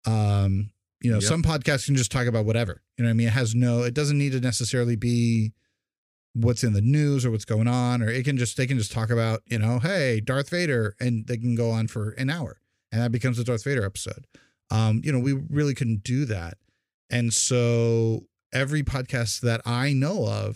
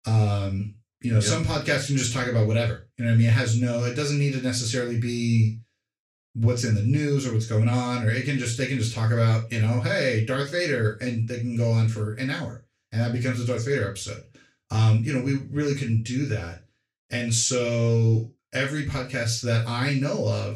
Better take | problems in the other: first | room echo; slight; dies away in 0.2 s // off-mic speech; far

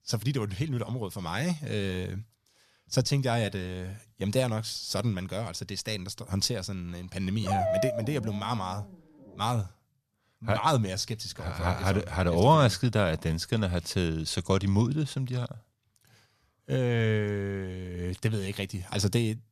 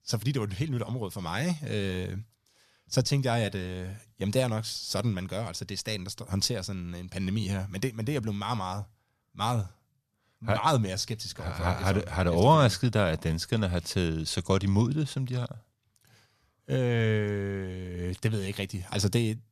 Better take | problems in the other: second | dog barking; loud; from 7.5 to 8.5 s; peak 2 dB above the speech

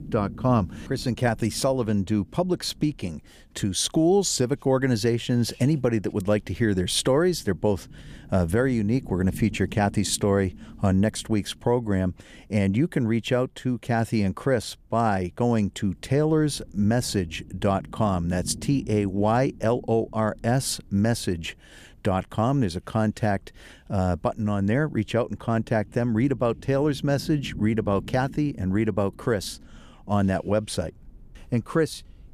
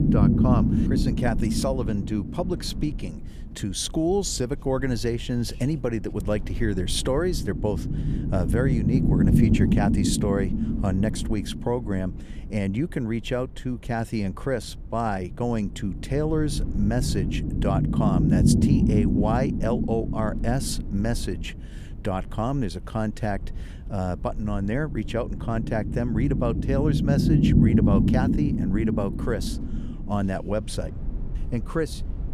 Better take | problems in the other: first | low rumble; loud; throughout; 2 dB below the speech; faint in the first

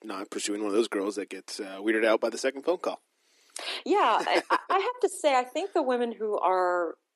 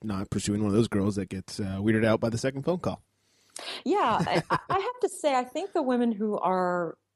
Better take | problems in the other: second | thin; somewhat; fading below 300 Hz

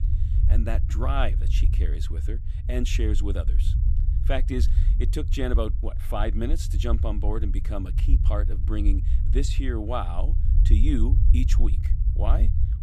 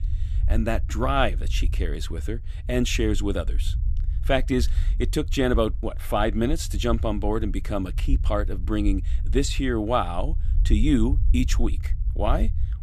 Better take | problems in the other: second | low rumble; loud; throughout; 10 dB below the speech; faint in the second

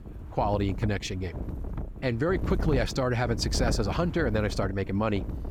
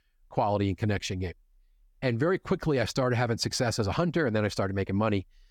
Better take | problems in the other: second | wind noise on the microphone; occasional gusts; 15 dB below the speech

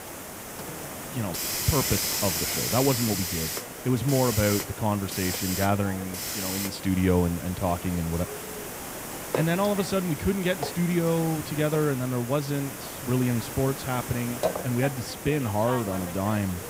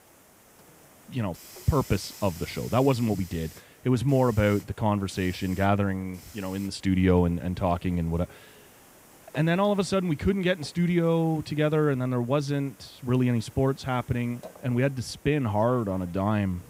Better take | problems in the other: second | hiss; loud; throughout; 4 dB below the speech; faint in the second

